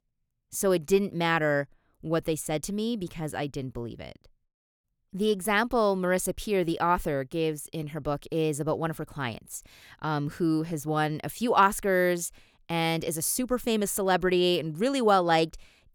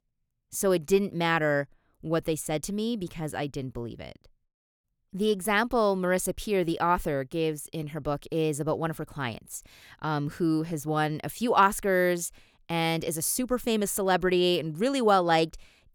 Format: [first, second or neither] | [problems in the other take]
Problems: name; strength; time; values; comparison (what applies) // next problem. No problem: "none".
neither | none